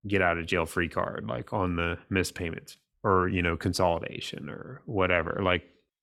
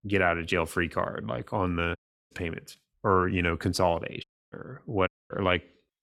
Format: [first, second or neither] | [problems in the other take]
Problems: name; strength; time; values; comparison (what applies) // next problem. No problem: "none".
first | audio cutting out; at 2 s, at 4 s and at 5 s